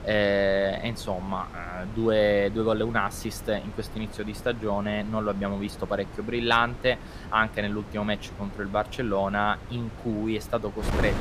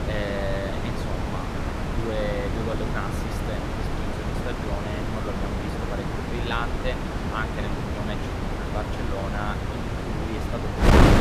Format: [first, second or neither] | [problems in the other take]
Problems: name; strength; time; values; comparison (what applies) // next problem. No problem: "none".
first | wind noise on the microphone; heavy; 3 dB above the speech; occasional gusts in the first